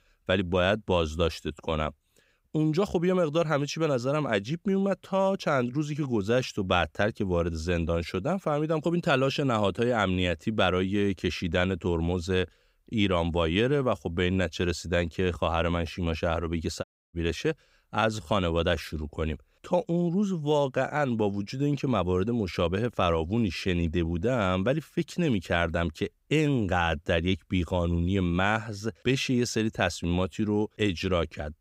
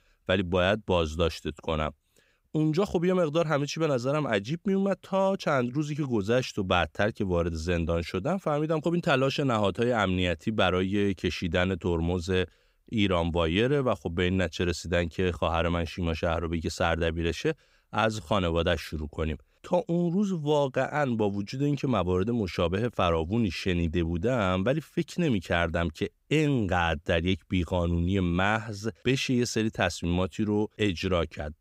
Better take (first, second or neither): second